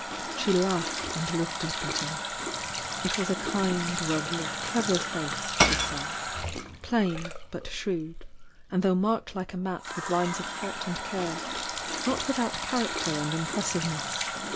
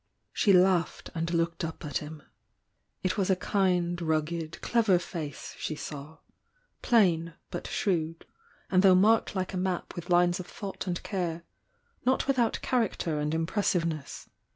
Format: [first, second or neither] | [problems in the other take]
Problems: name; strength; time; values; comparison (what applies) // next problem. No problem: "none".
second | background sound (Water tap, faucet + Shatter / Crushing); 2 dB below the speech